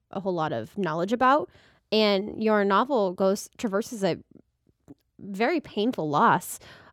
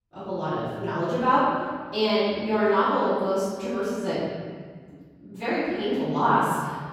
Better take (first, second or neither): first